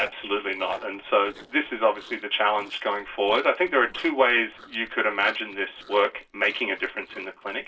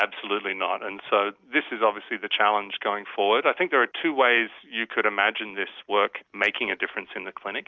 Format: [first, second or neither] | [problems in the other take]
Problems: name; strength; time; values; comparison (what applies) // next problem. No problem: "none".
second | noise reduction (neural separator model SepFormer DNS4)